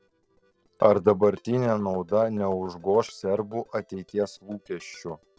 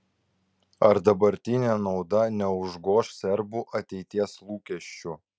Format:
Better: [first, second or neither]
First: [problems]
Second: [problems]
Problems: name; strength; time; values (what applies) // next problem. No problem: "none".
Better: second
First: noise reduction (neural separator model SepFormer DNS4)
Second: none